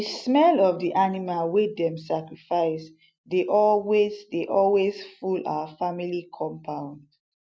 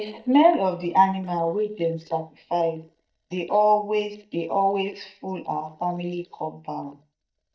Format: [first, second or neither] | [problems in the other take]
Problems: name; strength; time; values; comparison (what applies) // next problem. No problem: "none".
first | noise reduction (neural mask model DeepFilterNet 3)